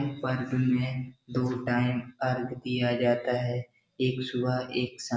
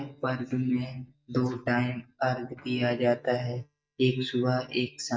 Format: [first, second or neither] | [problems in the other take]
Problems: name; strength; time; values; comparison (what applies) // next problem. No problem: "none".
first | noise reduction (neural mask model DeepFilterNet 3)